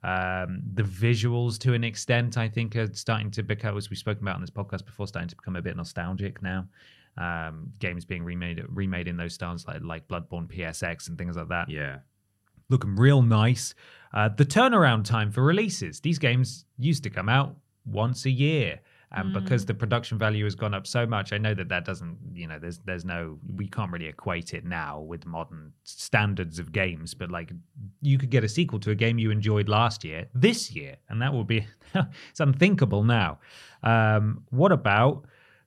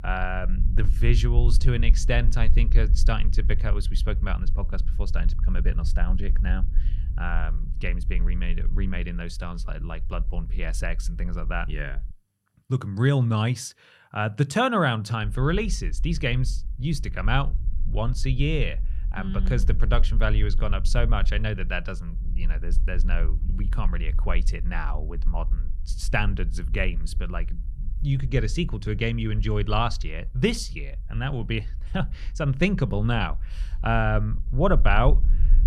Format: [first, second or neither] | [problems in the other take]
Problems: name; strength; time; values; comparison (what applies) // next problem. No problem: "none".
first | low rumble; faint; until 12 s and from 15 s on; 20 dB below the speech